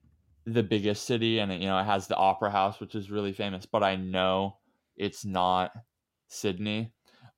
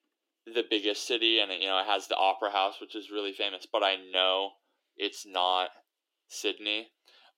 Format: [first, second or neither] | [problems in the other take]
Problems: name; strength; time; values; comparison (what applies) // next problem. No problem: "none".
first | thin; very; fading below 300 Hz